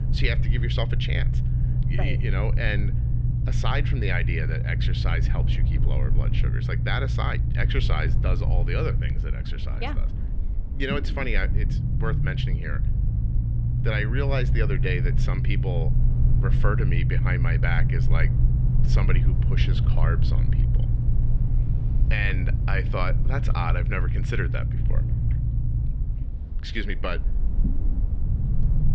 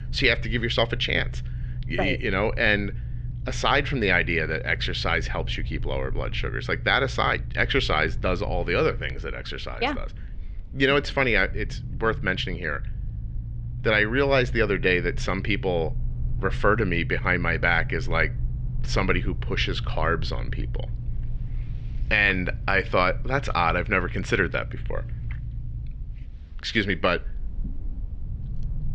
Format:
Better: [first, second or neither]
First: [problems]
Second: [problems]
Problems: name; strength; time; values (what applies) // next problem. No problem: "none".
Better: second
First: low rumble; loud; throughout; 7 dB below the speech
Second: low rumble; faint; throughout; 25 dB below the speech